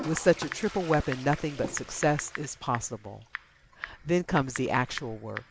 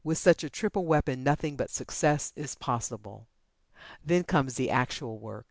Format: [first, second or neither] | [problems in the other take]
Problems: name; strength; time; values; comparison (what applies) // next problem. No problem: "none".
second | background sound (Typing + Toilet flush); 11 dB below the speech